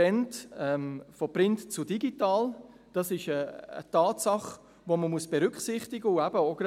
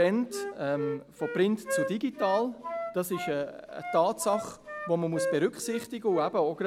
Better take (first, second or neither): first